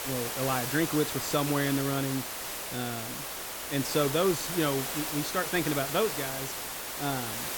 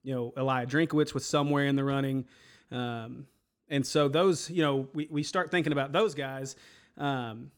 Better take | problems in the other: second | hiss; loud; throughout; 2 dB below the speech

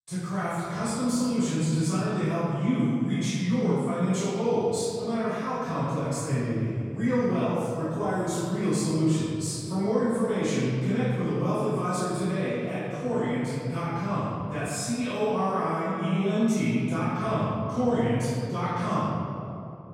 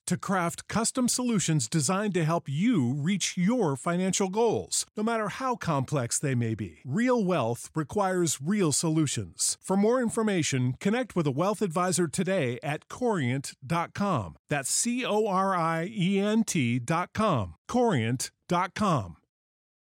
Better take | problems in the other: second | room echo; strong; dies away in 2.7 s // off-mic speech; far

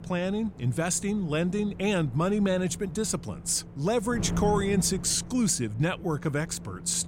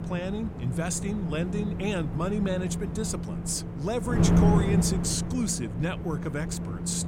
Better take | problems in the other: first | wind noise on the microphone; heavy; 4 dB below the speech; occasional gusts in the first

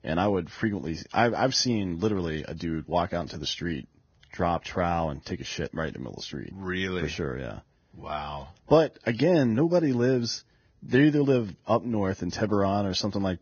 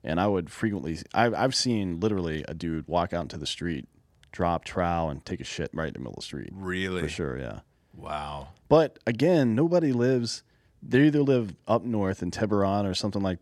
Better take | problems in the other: second | garbled, watery; badly; nothing above 6.5 kHz

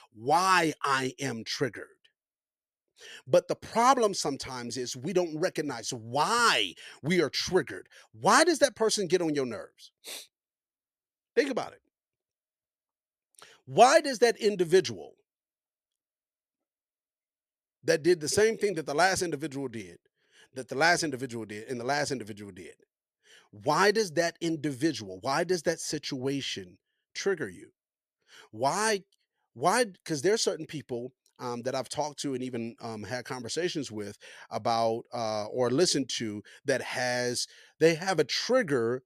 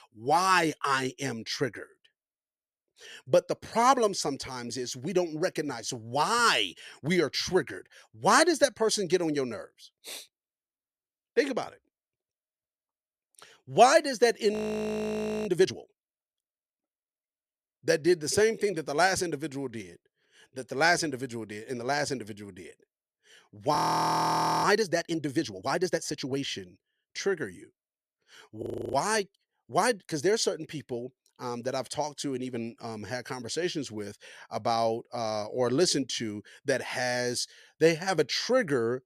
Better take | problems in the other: first | audio freezing; at 15 s for 1 s, at 24 s for 1 s and at 29 s

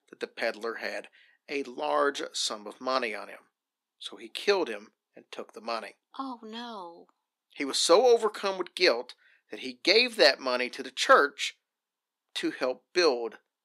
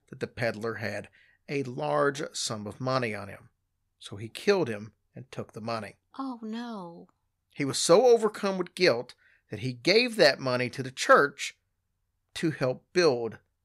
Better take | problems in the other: second | thin; very slightly; fading below 250 Hz

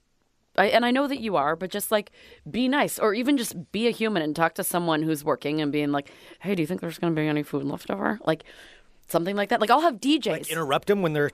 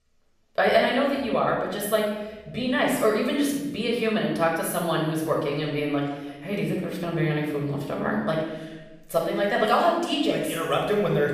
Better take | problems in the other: first | off-mic speech; far // room echo; noticeable; dies away in 0.9 s

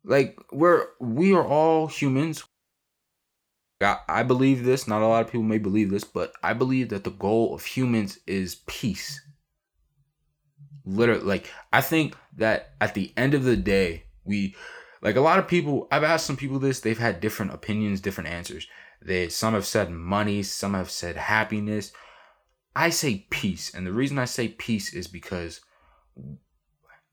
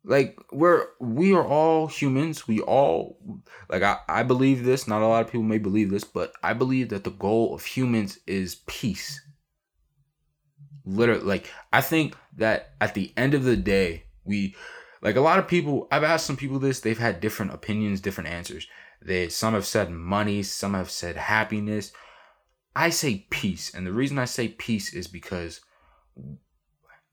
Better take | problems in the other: second | audio cutting out; at 2.5 s for 1.5 s

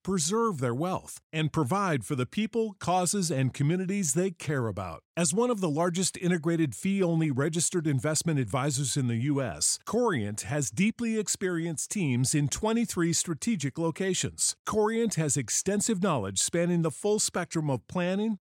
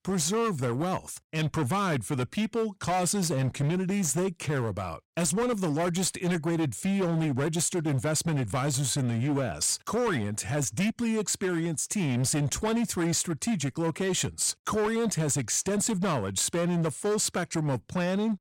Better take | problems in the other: first | distortion; slight; 21% of the sound clipped

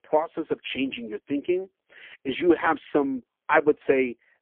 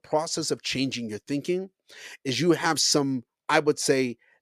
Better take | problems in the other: second | phone-call audio; poor line; nothing above 3.5 kHz

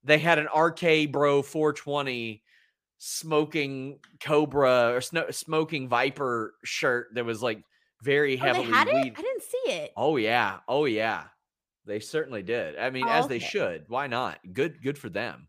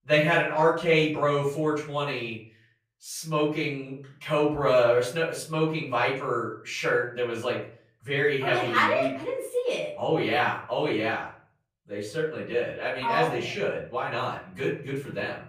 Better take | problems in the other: first | off-mic speech; far // room echo; slight; dies away in 0.4 s

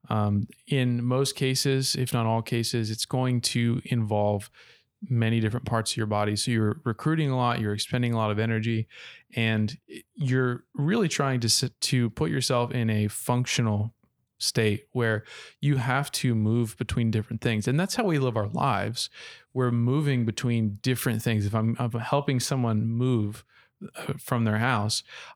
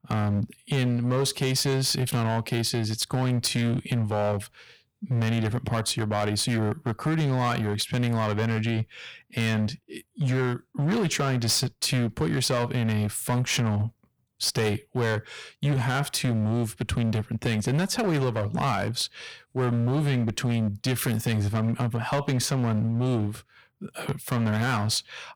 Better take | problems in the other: first | distortion; slight; 13% of the sound clipped

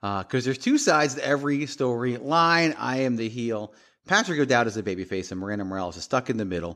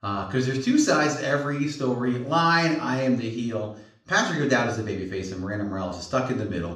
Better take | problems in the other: first | off-mic speech; somewhat distant // room echo; slight; dies away in 0.5 s

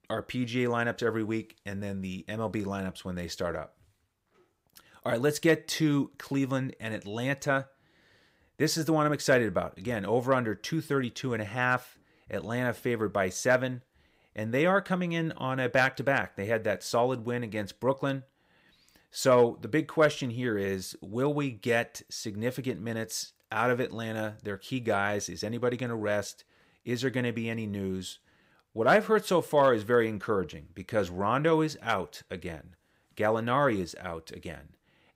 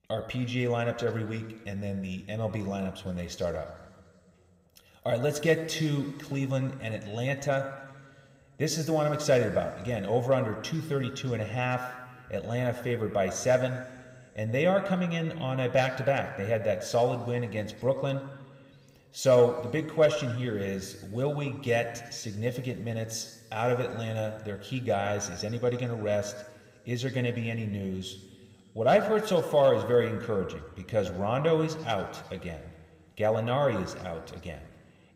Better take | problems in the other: first | room echo; slight; dies away in 2.1 s

